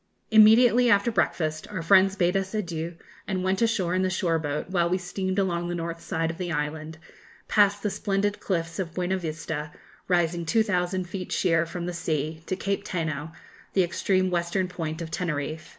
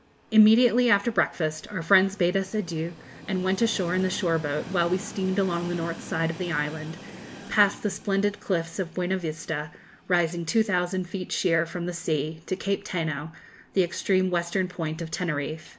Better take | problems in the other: first | background sound (Train); 19 dB below the speech

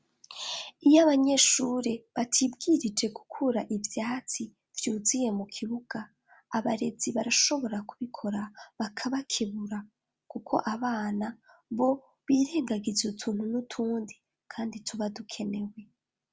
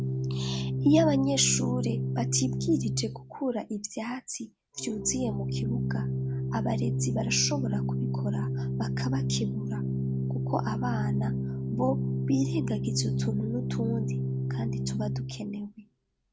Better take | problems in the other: first | background sound (Organ); 1 dB above the speech

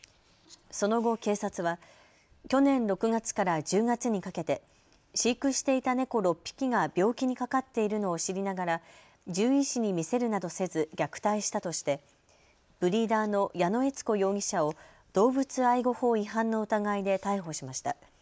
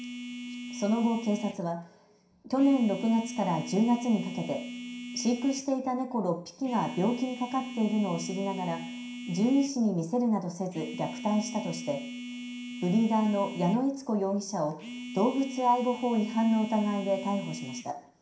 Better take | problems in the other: first | background sound (Telephone); 11 dB below the speech // room echo; dies away in 0.5 s

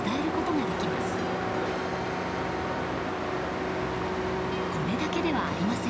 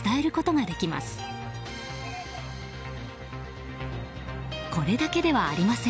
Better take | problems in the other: second | background sound (Truck); 4 dB above the speech

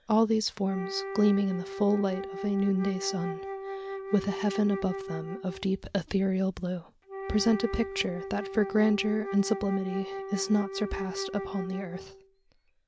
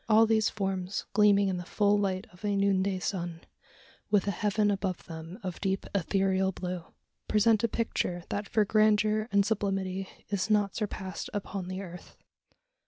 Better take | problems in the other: second | background sound (Wind instrument, woodwind instrument); 9 dB below the speech

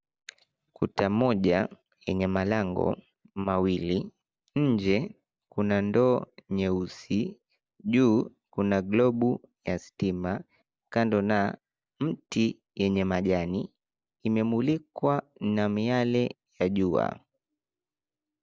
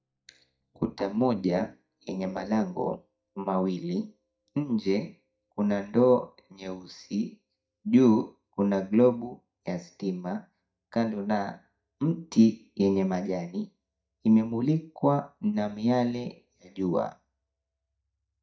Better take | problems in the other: first | noise reduction (neural mask model DeepFilterNet 3)

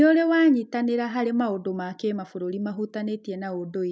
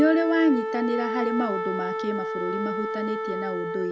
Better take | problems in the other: first | background sound (Wind instrument, woodwind instrument); 3 dB below the speech

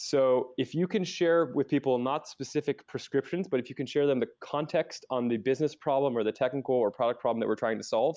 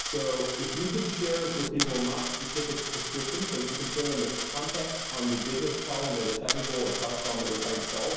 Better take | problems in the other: first | background sound (Coin (dropping)); 2 dB below the speech // room echo; dies away in 1 s

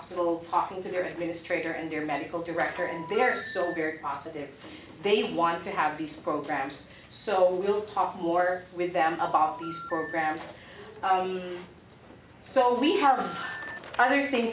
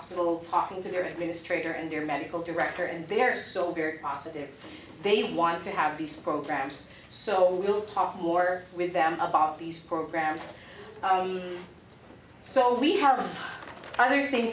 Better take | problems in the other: second | background sound (Telephone); 12 dB below the speech

